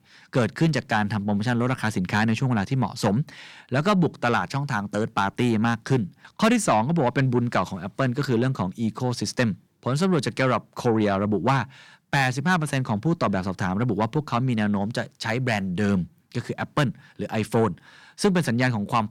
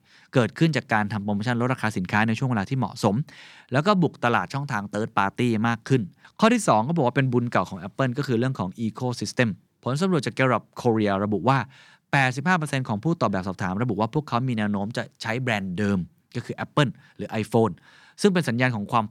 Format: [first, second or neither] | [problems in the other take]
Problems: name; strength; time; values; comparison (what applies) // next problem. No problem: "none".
second | distortion; slight; 10 dB below the speech